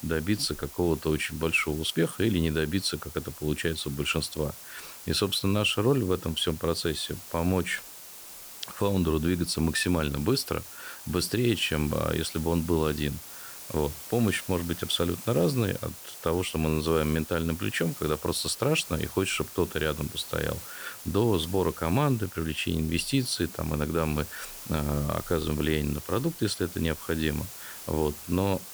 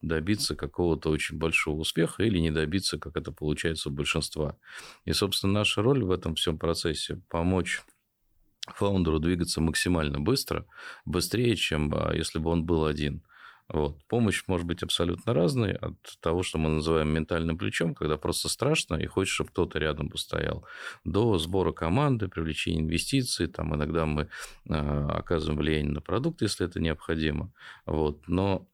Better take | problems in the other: second | hiss; noticeable; throughout; 10 dB below the speech

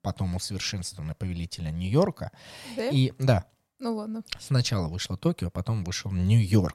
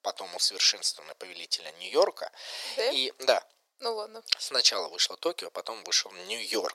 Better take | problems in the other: first | thin; very; fading below 400 Hz

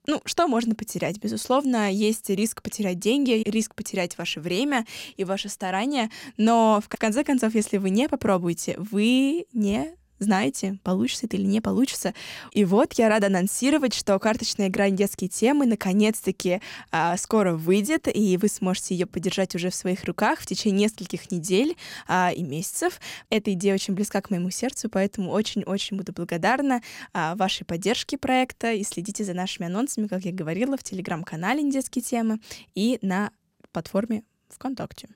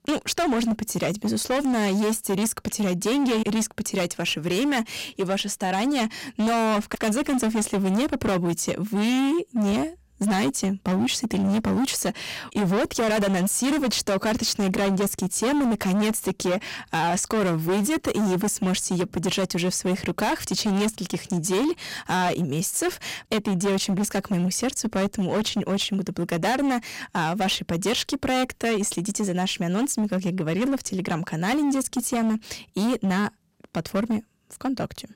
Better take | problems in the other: first | distortion; heavy; 22% of the sound clipped

